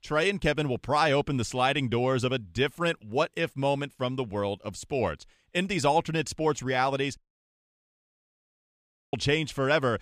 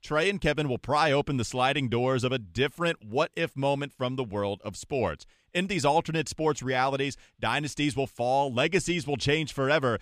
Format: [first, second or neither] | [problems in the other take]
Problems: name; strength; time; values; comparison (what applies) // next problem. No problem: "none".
second | audio cutting out; at 7 s for 2 s